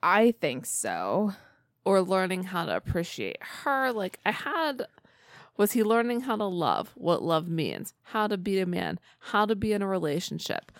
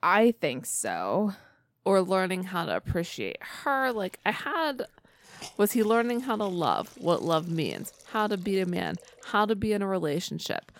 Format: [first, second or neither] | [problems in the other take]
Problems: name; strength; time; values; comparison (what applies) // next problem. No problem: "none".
first | hiss; faint; from 3 to 9.5 s; 20 dB below the speech